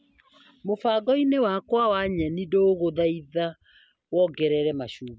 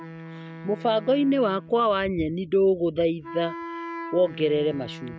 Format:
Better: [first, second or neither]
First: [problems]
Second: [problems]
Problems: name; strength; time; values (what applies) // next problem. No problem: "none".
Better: first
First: none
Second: background sound (Wind instrument, woodwind instrument); 14 dB below the speech